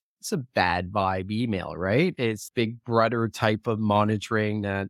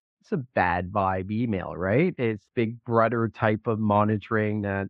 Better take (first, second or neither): first